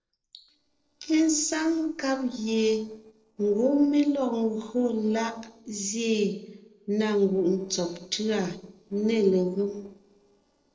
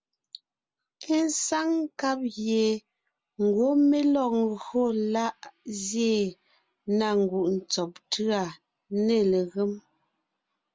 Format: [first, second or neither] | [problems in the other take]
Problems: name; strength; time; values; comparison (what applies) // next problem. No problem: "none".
second | noise reduction (neural separator model SepFormer DNS4)